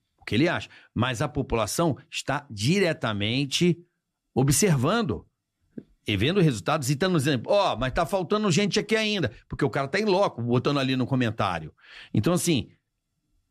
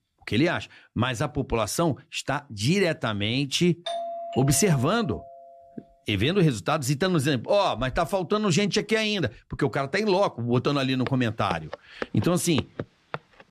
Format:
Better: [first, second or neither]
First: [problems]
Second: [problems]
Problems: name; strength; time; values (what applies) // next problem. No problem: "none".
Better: first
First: none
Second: doorbell; noticeable; from 4 to 5.5 s; peak 7 dB below the speech // footsteps; faint; from 11 s on; peak 10 dB below the speech